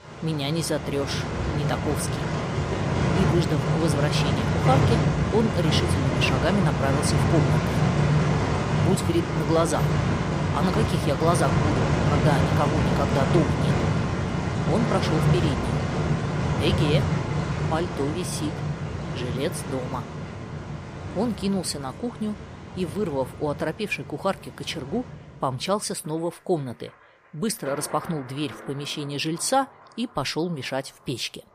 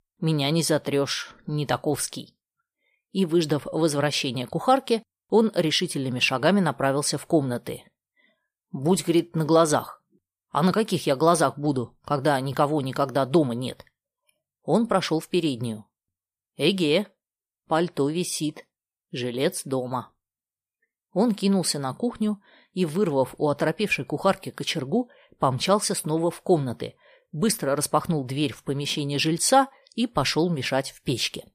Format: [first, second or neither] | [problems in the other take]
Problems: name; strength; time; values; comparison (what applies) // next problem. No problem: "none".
second | rain or running water; very loud; throughout; 3 dB above the speech